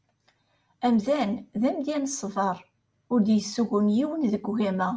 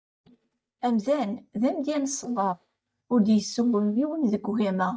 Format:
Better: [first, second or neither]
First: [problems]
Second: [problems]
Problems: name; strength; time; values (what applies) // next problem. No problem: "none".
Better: first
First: none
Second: noise reduction (neural mask model DeepFilterNet 3)